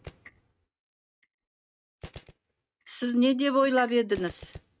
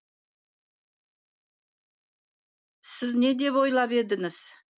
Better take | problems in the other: second | noise reduction (neural mask model RNNoise)

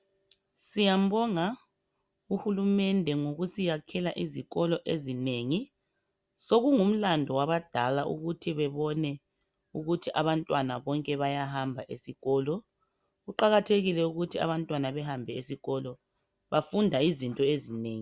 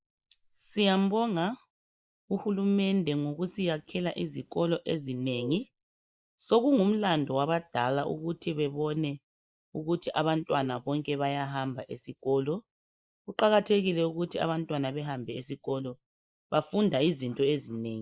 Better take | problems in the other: first | noise reduction (neural mask model Resemble Enhance denoiser)

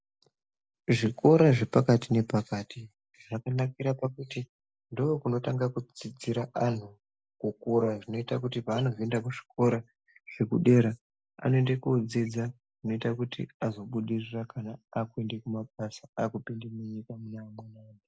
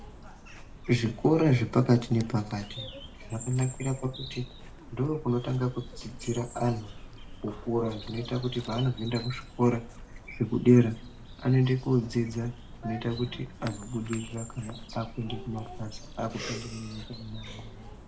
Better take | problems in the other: first | background sound (Bird vocalization, bird call, bird song); 14 dB below the speech // room echo; dies away in 0.4 s

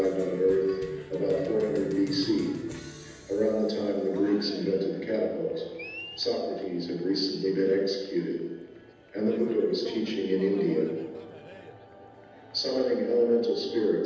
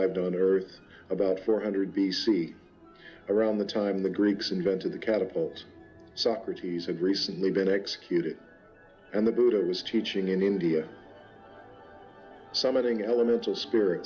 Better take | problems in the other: second | background sound (Cheering); 18 dB below the speech // room echo; dies away in 1.1 s

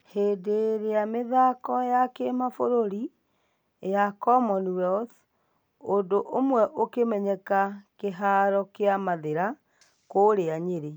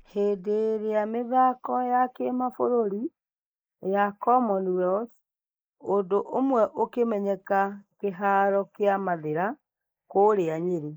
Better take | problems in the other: first | noise reduction (neural mask model Resemble Enhance denoiser)

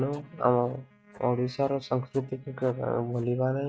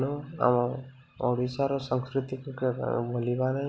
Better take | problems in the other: second | noise reduction (neural mask model RNNoise)

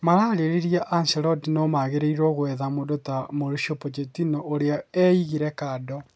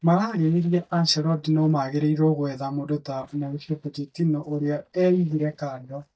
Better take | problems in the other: first | noise reduction (neural mask model DeepFilterNet 3)

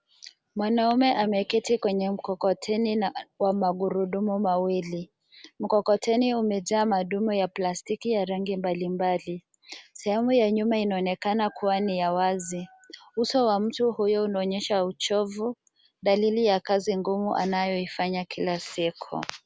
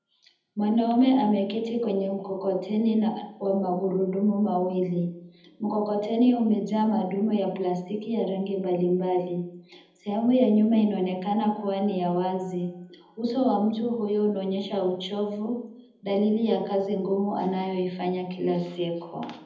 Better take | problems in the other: first | room echo; dies away in 0.8 s

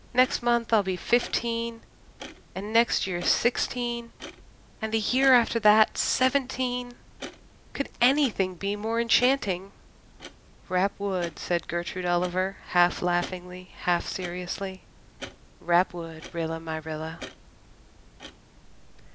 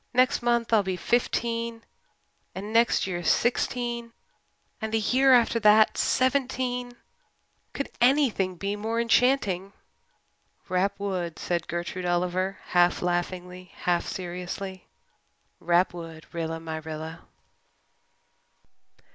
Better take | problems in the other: second | background sound (Clock); 18 dB below the speech

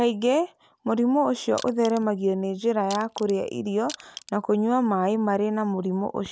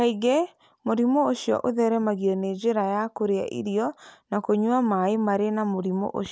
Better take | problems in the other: second | background sound (Crushing); 19 dB below the speech

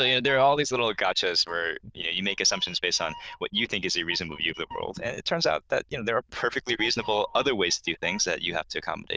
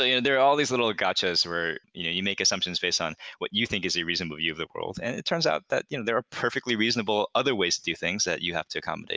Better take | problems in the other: second | noise reduction (neural diffusion model UNIVERSE++)

